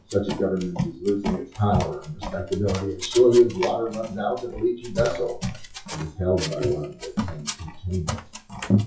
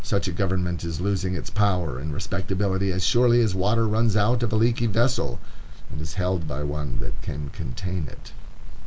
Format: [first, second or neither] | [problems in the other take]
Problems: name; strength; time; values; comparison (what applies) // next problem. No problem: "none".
second | noise reduction (classical method WPE with log-MMSE)